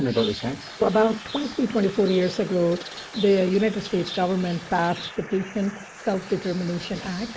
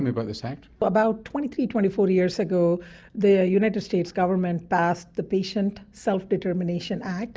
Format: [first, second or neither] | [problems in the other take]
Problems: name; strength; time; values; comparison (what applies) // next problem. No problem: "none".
second | noise reduction (neural mask model Resemble Enhance denoiser)